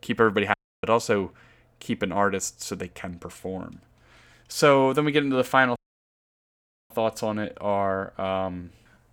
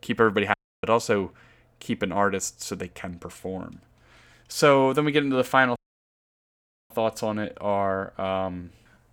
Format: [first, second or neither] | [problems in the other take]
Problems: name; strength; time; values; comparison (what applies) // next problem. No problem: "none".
neither | audio cutting out; at 0.5 s and at 6 s for 1 s; the same in both